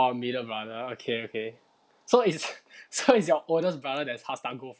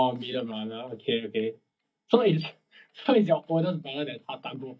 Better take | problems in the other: first | noise reduction (neural mask model DeepFilterNet 3)

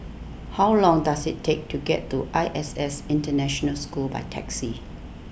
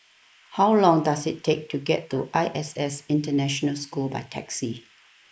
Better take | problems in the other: first | noise reduction (neural mask model Resemble Enhance denoiser)

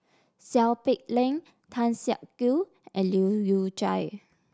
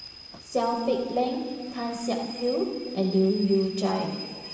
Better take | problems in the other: first | background sound (Rain / Train); 16 dB below the speech // room echo; dies away in 1.7 s

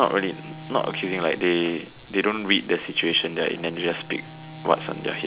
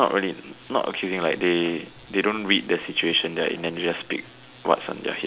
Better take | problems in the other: second | background sound (Bowed string instrument); 17 dB below the speech

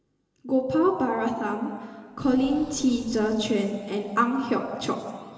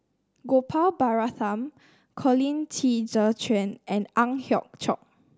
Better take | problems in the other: second | background sound (Boom); 20 dB below the speech // room echo; dies away in 2.5 s

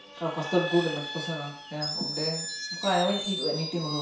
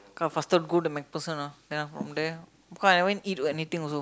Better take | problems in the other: second | background sound (Screech); 5 dB below the speech // room echo; dies away in 0.6 s

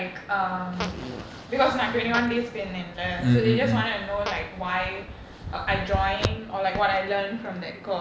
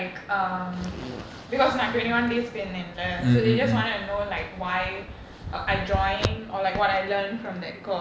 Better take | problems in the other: second | background sound (Fart); 15 dB below the speech

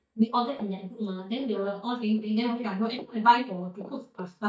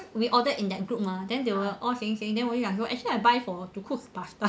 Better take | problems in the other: second | noise reduction (neural mask model DeepFilterNet 3)

